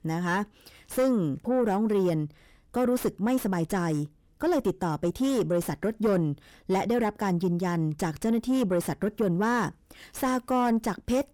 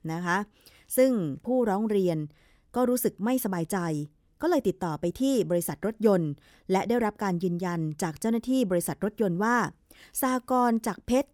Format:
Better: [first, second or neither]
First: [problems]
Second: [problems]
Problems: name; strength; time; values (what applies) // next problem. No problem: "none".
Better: second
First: distortion; slight; 10 dB below the speech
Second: none